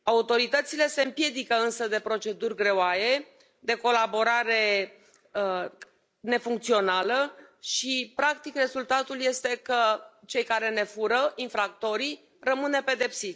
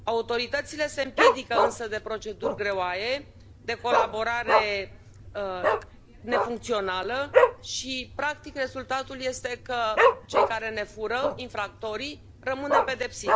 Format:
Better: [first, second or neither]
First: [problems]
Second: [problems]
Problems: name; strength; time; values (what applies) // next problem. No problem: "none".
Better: first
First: none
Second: background sound (Dog); 2 dB above the speech